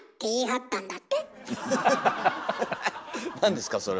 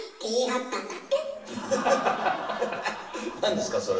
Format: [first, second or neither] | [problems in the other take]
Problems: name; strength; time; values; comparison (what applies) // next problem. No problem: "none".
first | room echo; dies away in 1 s